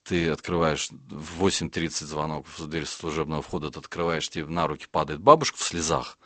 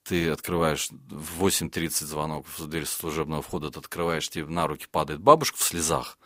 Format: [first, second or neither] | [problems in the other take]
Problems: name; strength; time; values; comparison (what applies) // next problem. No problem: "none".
second | garbled, watery; slightly; nothing above 8 kHz